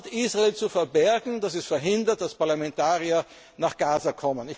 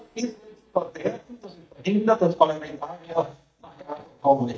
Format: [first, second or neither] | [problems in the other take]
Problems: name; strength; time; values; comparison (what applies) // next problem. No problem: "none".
first | noise reduction (neural mask model DeepFilterNet 3)